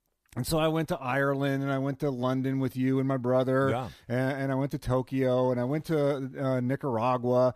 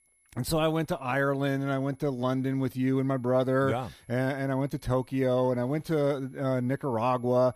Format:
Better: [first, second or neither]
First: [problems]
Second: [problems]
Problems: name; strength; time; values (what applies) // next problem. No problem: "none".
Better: first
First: none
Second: high-pitched whine; faint; throughout; 11 kHz, 35 dB below the speech